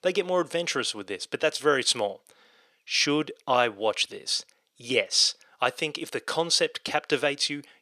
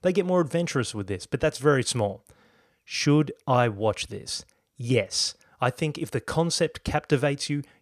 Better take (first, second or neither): second